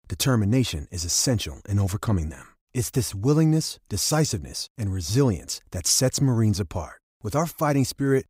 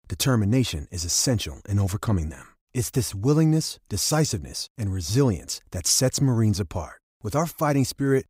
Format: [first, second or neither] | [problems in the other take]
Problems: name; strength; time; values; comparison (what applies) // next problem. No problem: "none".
neither | none